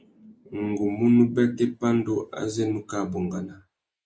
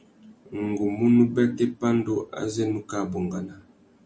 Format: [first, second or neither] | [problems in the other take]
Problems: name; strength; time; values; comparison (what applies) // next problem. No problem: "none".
second | noise reduction (neural mask model Resemble Enhance denoiser)